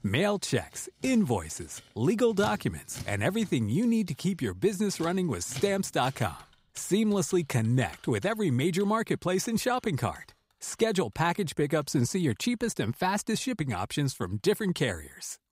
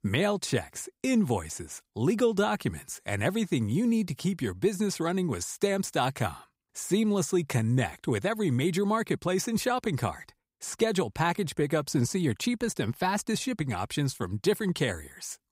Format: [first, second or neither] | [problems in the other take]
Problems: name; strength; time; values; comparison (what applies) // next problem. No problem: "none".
second | household noises; faint; throughout; 20 dB below the speech